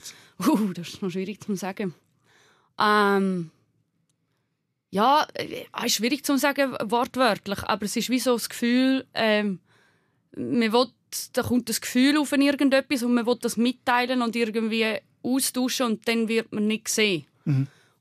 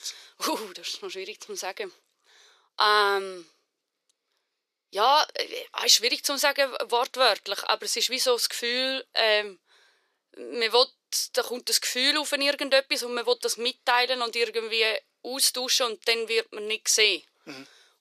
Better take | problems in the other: first | thin; very; fading below 450 Hz

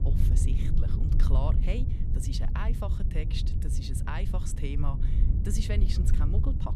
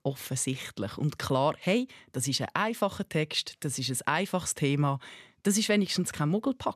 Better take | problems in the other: second | low rumble; loud; throughout; 4 dB below the speech

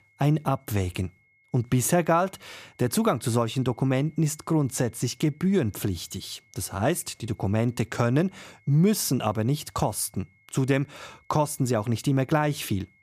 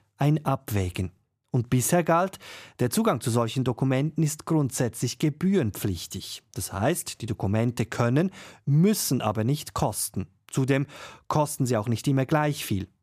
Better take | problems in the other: second | high-pitched whine; faint; throughout; 2 kHz, 35 dB below the speech

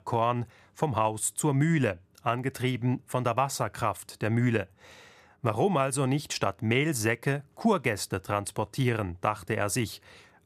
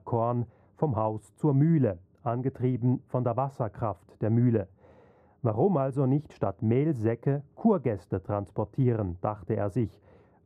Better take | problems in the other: first | muffled; very; fading above 1.5 kHz

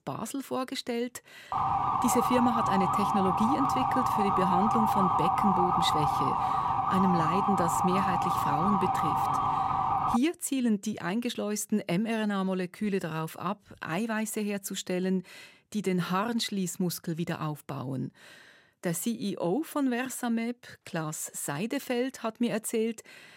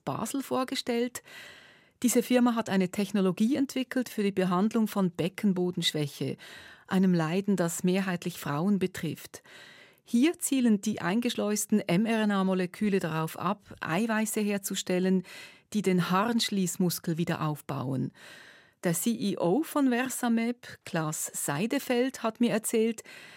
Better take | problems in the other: second | siren; loud; from 1.5 to 10 s; peak 5 dB above the speech

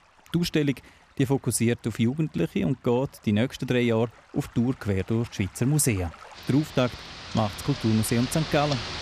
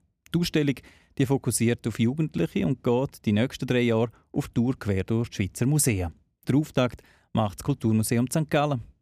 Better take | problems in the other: second | rain or running water; noticeable; throughout; 10 dB below the speech

